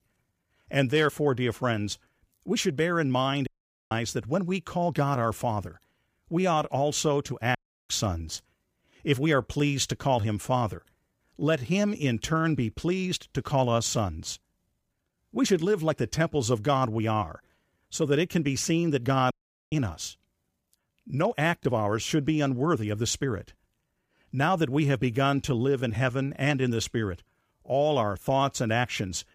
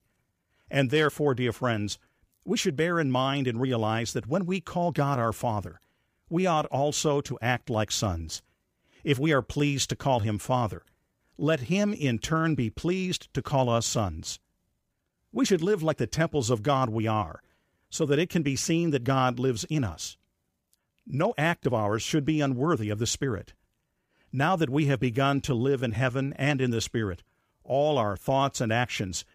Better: second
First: audio cutting out; at 3.5 s, at 7.5 s and at 19 s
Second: none

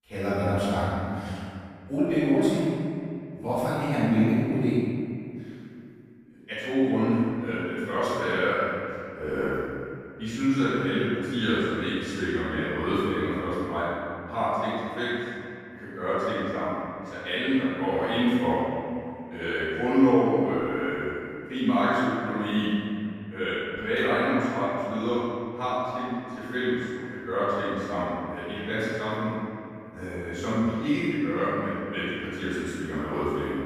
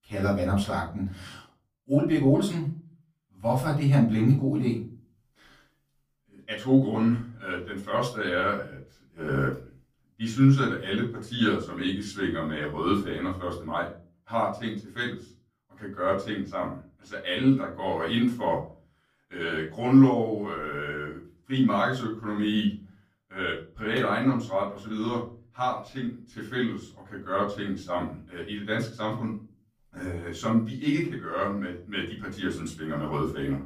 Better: second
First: room echo; strong; dies away in 2.2 s // off-mic speech; far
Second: room echo; slight; dies away in 0.3 s // off-mic speech; far

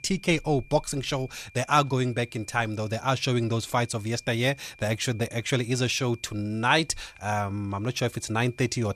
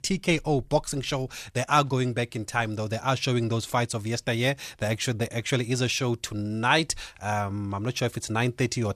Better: second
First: high-pitched whine; faint; throughout; 2.5 kHz, 25 dB below the speech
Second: none

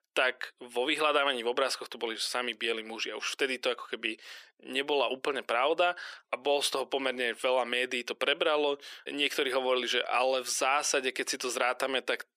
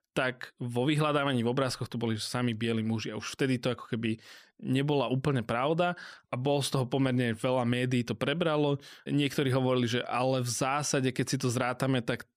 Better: second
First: thin; very; fading below 400 Hz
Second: none

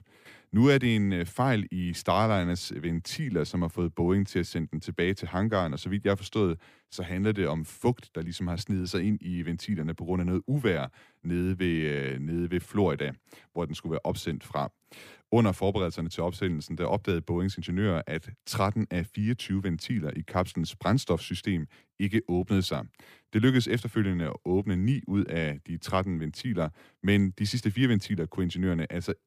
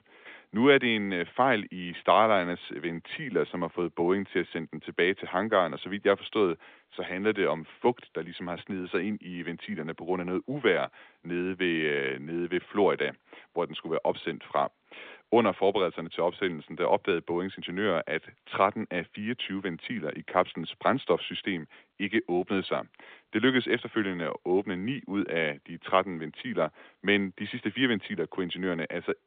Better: first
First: none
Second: phone-call audio

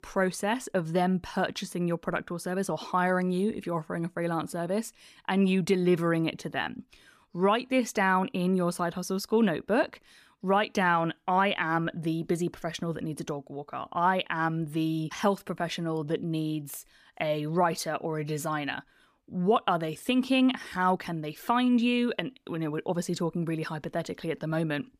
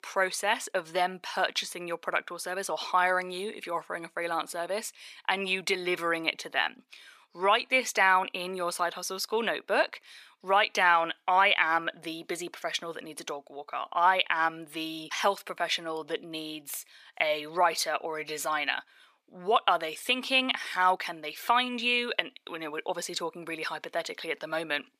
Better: first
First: none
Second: thin; very; fading below 600 Hz

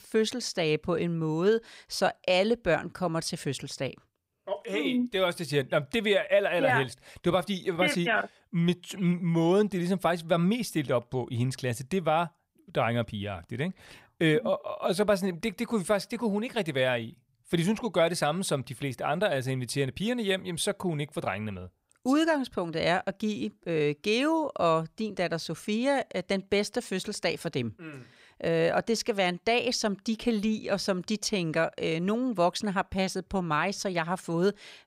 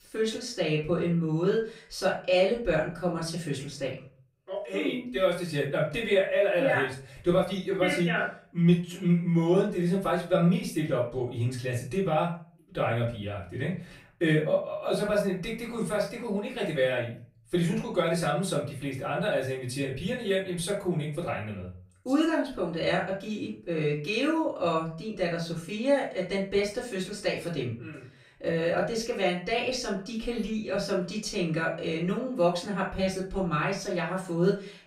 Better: first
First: none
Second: room echo; slight; dies away in 0.4 s // off-mic speech; far

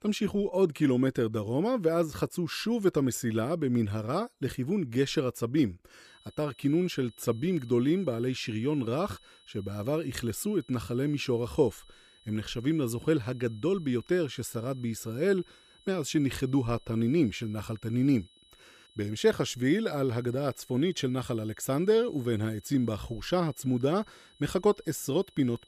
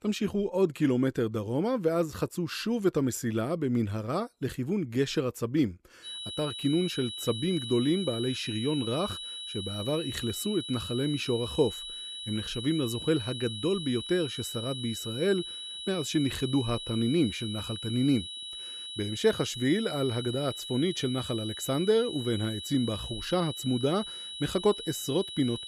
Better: first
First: high-pitched whine; faint; from 6 s on; 4 kHz, 30 dB below the speech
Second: high-pitched whine; loud; from 6 s on; 4 kHz, 7 dB below the speech

